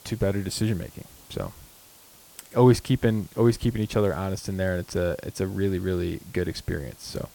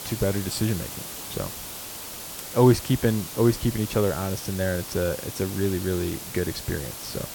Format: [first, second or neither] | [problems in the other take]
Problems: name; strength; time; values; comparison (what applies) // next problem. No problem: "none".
first | hiss; loud; throughout; 9 dB below the speech; faint in the first